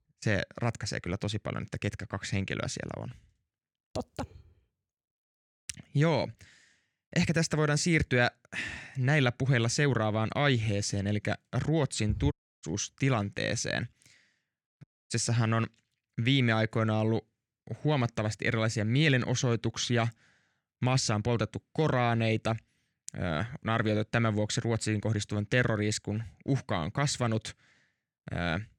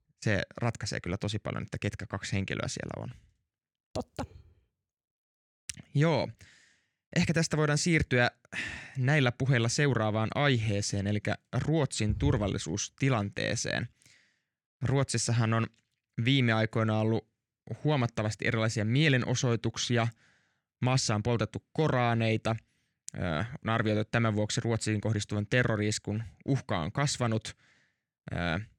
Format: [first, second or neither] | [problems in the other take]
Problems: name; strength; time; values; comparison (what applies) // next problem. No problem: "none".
second | audio cutting out; at 12 s and at 15 s